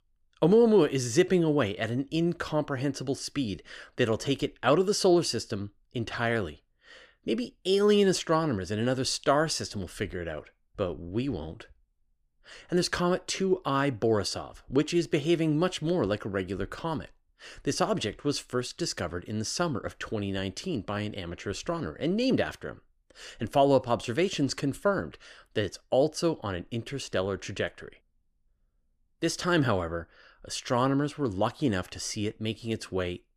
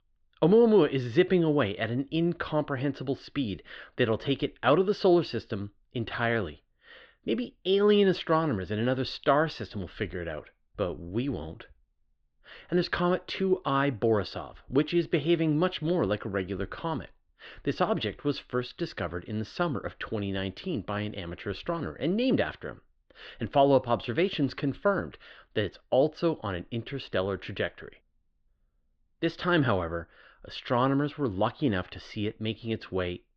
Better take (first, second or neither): first